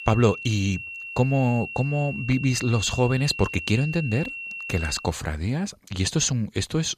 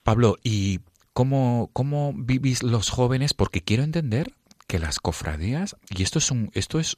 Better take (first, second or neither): second